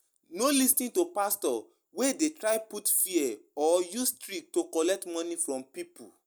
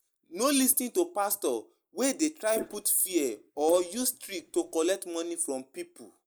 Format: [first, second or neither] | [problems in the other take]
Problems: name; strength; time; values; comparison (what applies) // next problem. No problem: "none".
first | noise reduction (neural mask model Resemble Enhance denoiser)